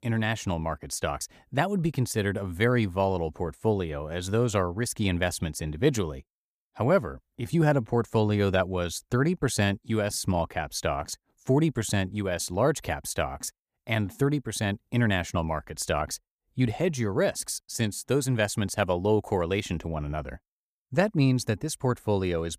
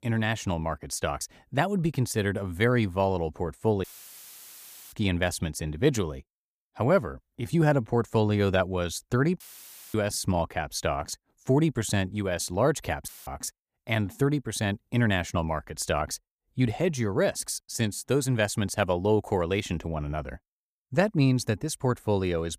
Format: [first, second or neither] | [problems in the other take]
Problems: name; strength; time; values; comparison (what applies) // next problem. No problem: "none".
first | audio cutting out; filled with static; at 4 s for 1 s, at 9.5 s for 0.5 s and at 13 s